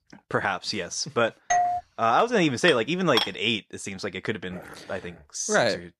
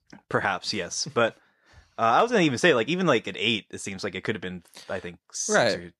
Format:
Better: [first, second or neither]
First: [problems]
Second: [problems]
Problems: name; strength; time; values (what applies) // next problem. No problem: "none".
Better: second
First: doorbell; loud; at 1.5 s; peak 1 dB above the speech // clattering dishes; noticeable; at 2.5 s; peak 1 dB below the speech // dog barking; faint; at 4.5 s; peak 20 dB below the speech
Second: none